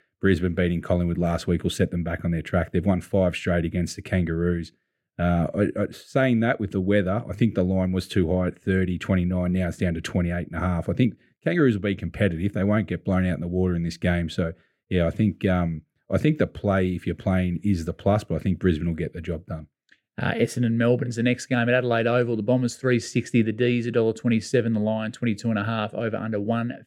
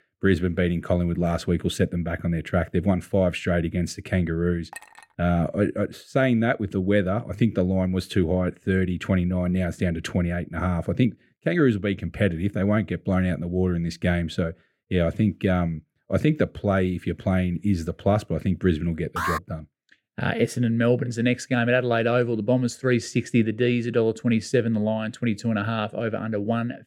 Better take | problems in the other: first | clattering dishes; faint; at 4.5 s; peak 15 dB below the speech // alarm; noticeable; at 19 s; peak 3 dB below the speech

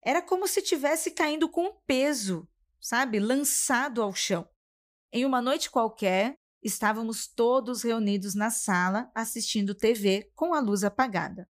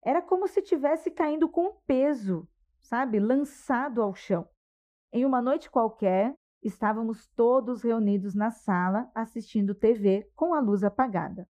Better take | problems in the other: first | muffled; very; fading above 2.5 kHz

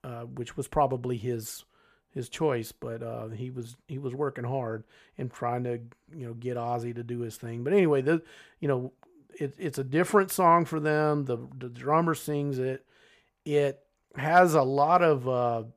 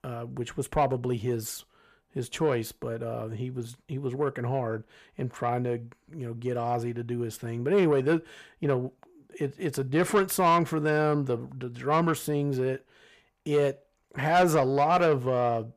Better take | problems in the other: first | distortion; slight; 10 dB below the speech

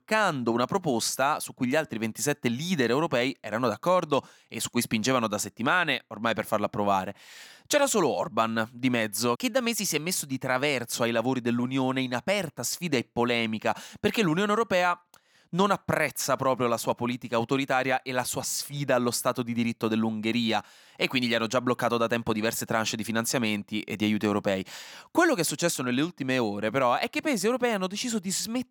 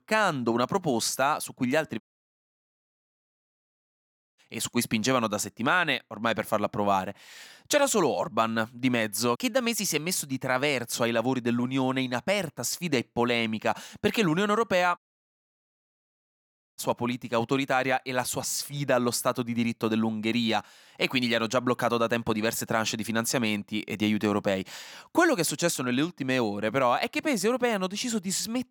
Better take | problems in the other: first | audio cutting out; at 2 s for 2.5 s and at 15 s for 2 s

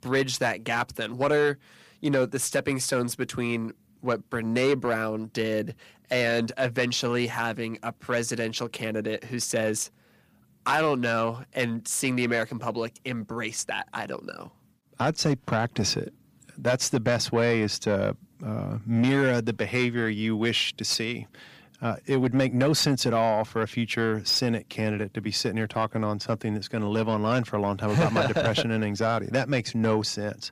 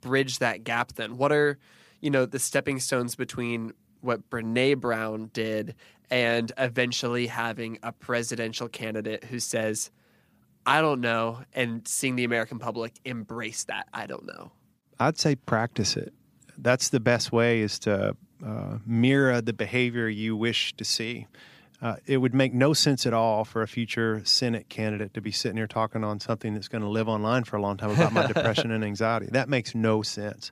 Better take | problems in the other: second | distortion; slight; 10 dB below the speech

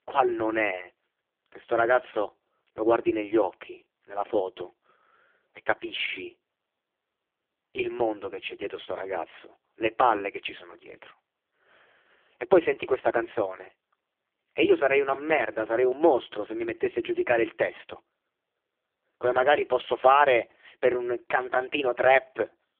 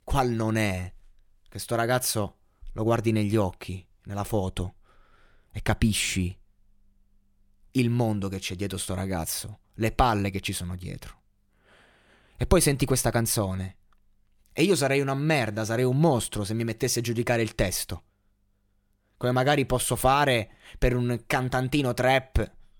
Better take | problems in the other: second | phone-call audio; poor line

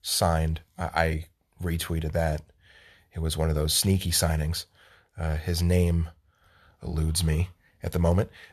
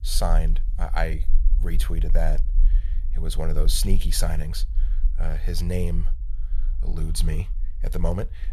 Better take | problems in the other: first | low rumble; faint; throughout; 20 dB below the speech

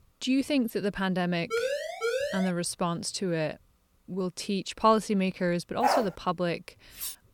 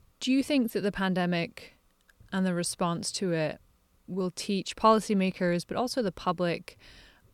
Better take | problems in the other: second | siren; noticeable; from 1.5 to 2.5 s; peak 1 dB below the speech // dog barking; loud; at 6 s; peak 2 dB above the speech // clattering dishes; noticeable; at 7 s; peak 8 dB below the speech

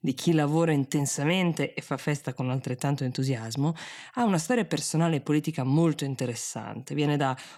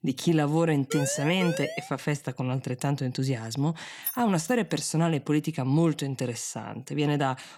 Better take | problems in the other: first | siren; noticeable; at 1 s; peak 6 dB below the speech // jangling keys; noticeable; at 4 s; peak 6 dB below the speech

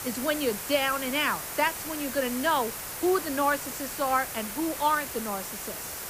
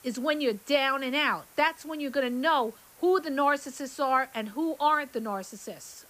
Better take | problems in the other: second | hiss; loud; throughout; 6 dB below the speech; faint in the second

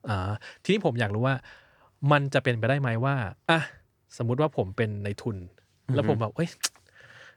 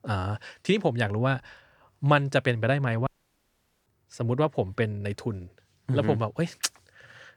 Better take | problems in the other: first | audio cutting out; at 3 s for 1 s

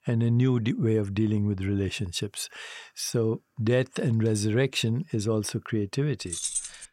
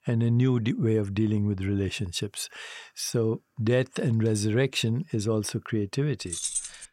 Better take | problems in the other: neither | jangling keys; noticeable; at 6.5 s; peak 2 dB below the speech; the same in both

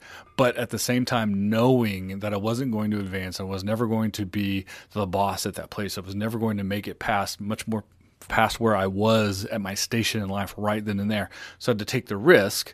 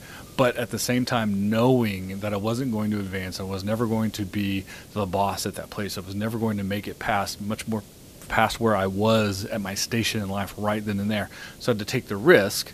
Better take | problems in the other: first | hiss; faint; throughout; 20 dB below the speech

